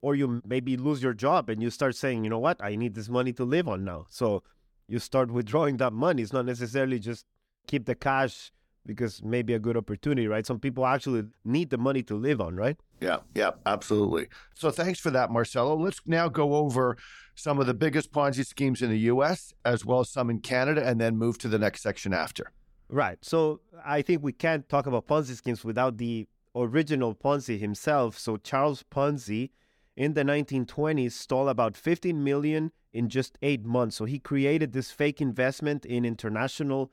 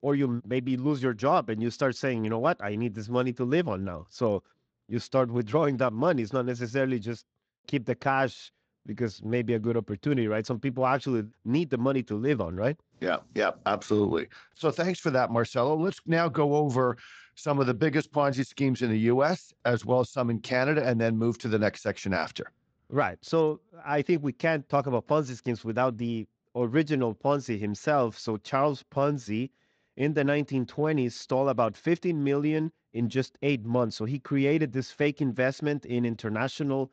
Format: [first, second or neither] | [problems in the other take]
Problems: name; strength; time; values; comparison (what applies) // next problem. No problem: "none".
first | garbled, watery; slightly; nothing above 7.5 kHz